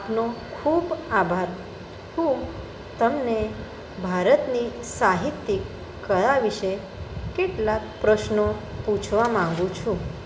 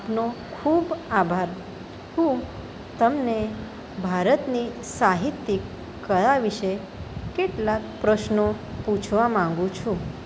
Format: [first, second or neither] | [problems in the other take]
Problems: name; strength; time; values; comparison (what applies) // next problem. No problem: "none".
second | background sound (Drawer open or close); 16 dB below the speech // room echo; dies away in 0.9 s